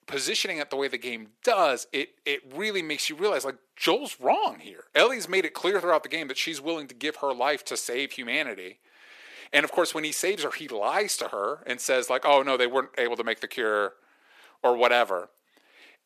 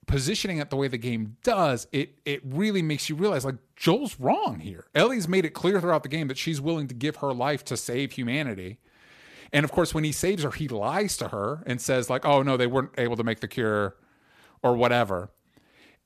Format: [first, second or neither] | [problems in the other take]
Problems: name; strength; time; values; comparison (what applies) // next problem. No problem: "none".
second | thin; somewhat; fading below 400 Hz